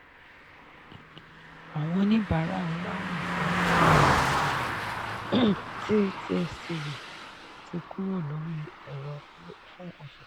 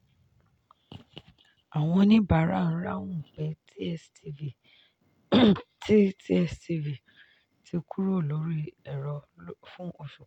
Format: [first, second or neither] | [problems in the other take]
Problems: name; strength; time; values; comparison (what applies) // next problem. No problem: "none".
second | background sound (Car passing by); 1 dB above the speech